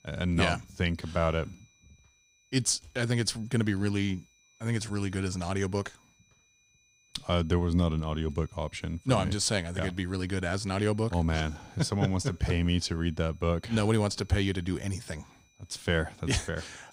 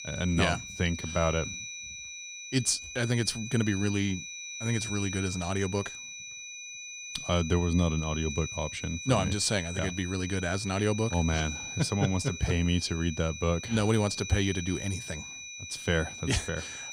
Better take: first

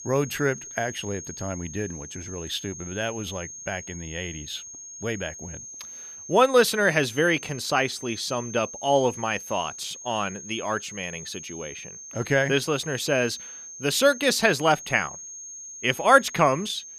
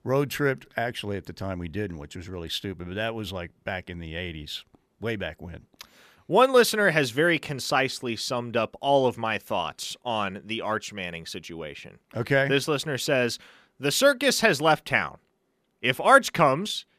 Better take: second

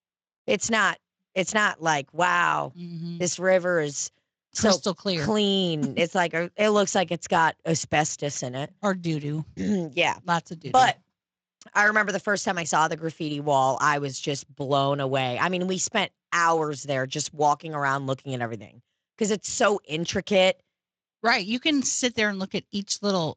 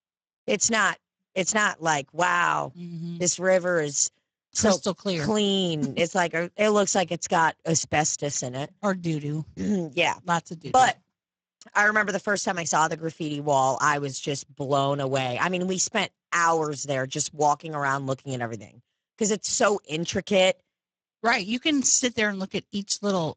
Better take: first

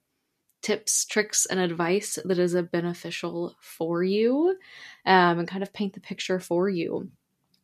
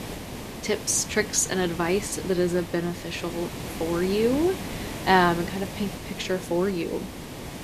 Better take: first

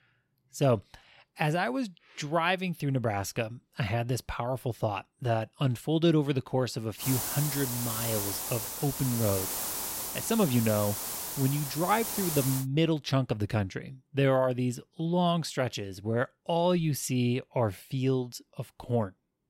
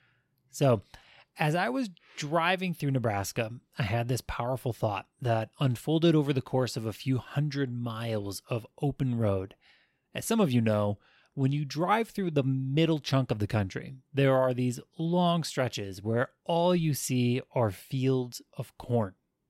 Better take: second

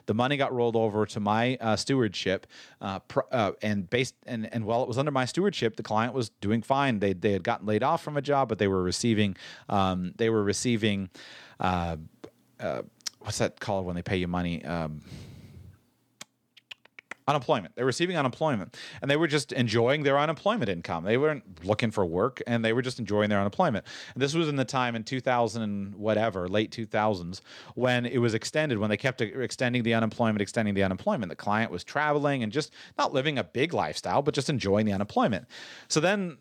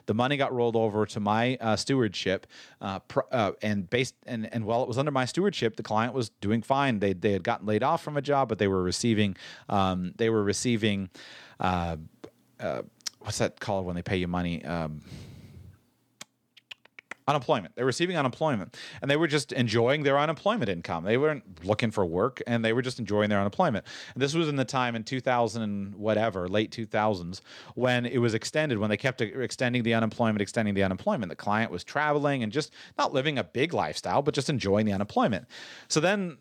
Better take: neither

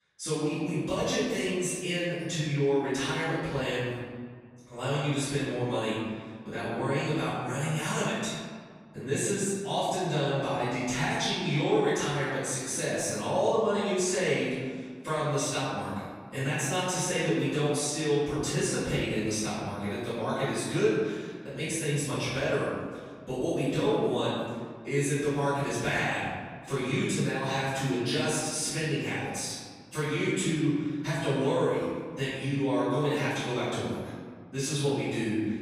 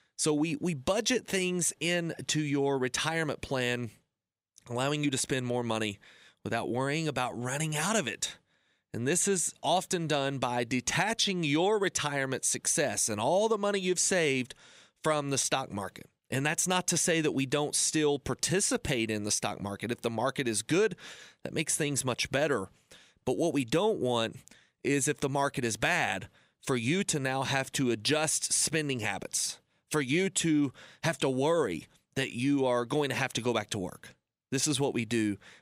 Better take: second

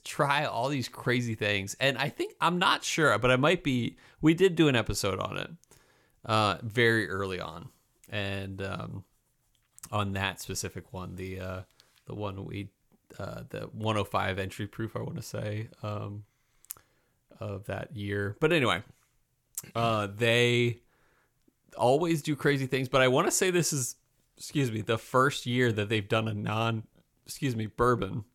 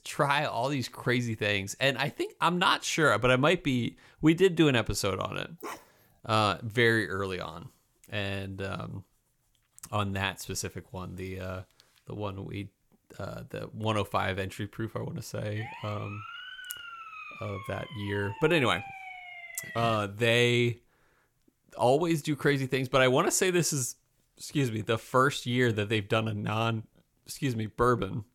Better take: first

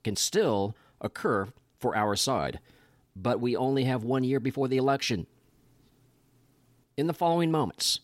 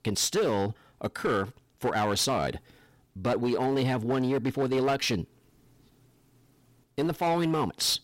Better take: first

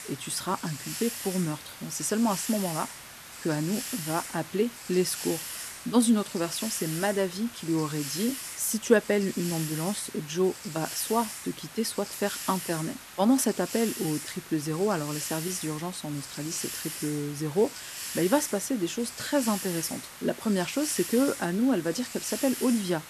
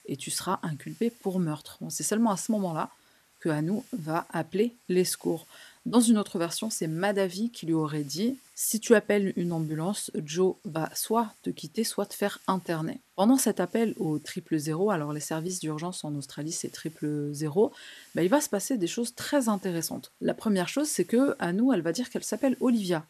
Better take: second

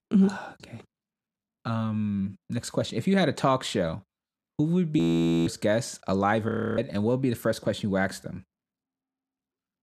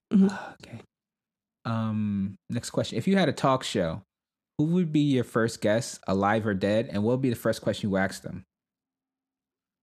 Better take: second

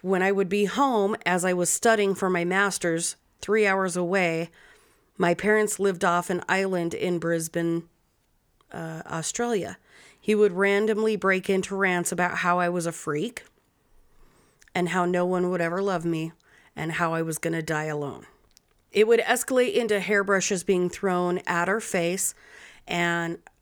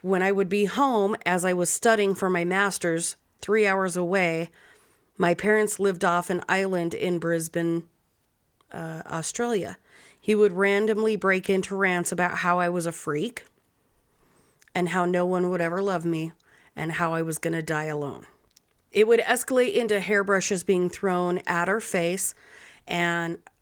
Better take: first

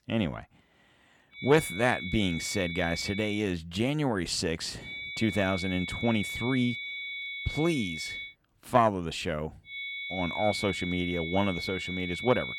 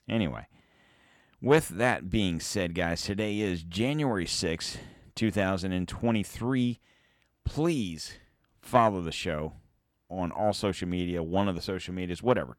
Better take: second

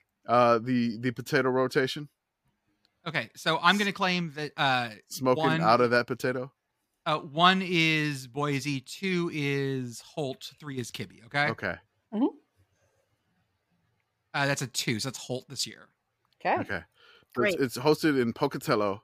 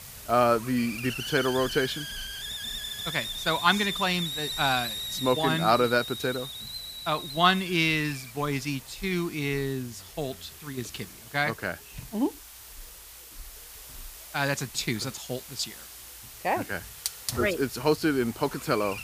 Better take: first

